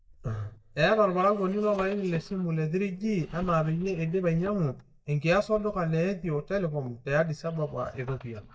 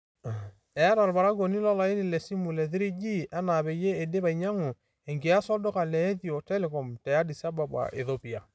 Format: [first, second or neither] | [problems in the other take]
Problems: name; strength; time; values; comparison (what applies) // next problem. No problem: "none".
second | noise reduction (neural mask model DeepFilterNet 3)